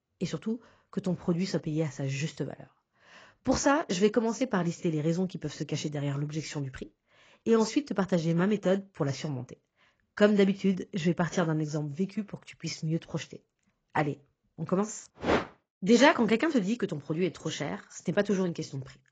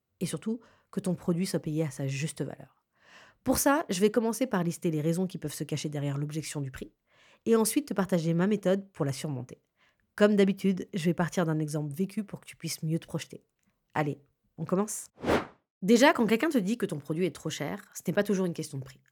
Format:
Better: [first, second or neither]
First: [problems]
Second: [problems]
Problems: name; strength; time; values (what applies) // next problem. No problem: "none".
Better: second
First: garbled, watery; badly; nothing above 7.5 kHz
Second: none